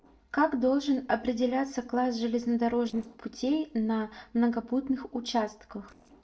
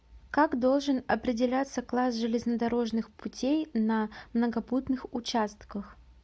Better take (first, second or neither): second